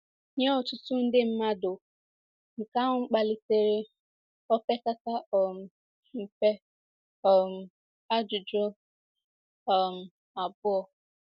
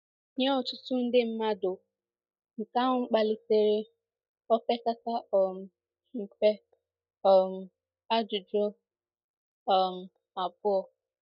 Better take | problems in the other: first | noise reduction (neural mask model DeepFilterNet 3)

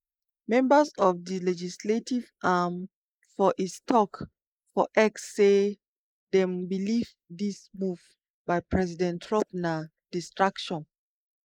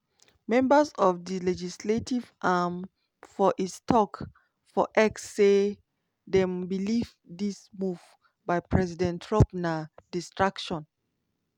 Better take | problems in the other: second | noise reduction (neural mask model Resemble Enhance denoiser)

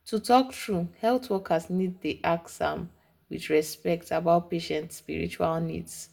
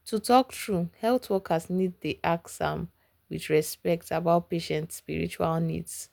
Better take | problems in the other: second | room echo; dies away in 0.3 s

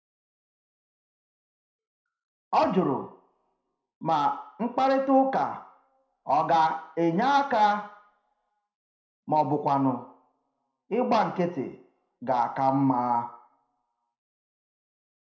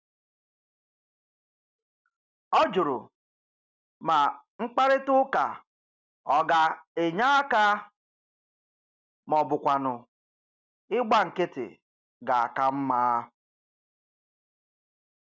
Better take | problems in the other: second | room echo; dies away in 0.4 s

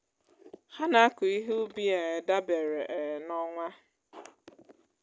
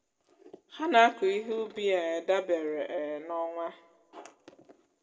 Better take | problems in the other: first | room echo; dies away in 0.9 s

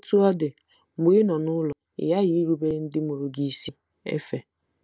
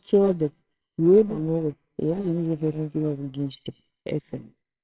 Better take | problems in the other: first | noise reduction (neural separator model SepFormer WHAMR!)

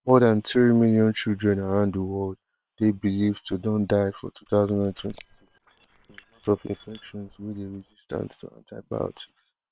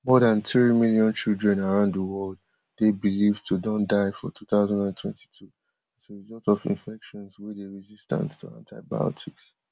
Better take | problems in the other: second | noise reduction (neural separator model SepFormer WHAM!)

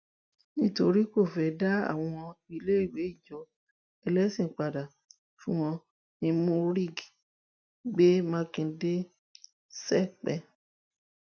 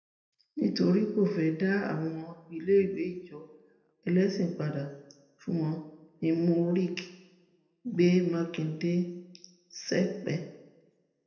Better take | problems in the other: first | room echo; dies away in 0.7 s

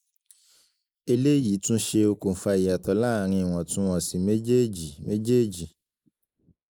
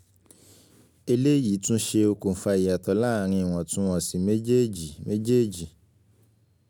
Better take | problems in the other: second | noise reduction (neural mask model Resemble Enhance denoiser)

